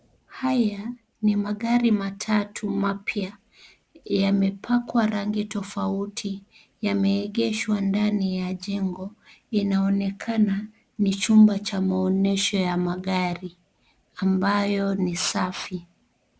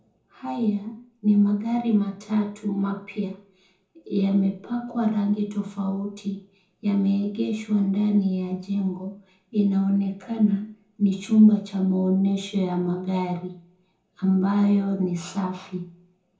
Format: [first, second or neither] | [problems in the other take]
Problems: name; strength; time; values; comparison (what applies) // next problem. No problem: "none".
first | room echo; dies away in 0.6 s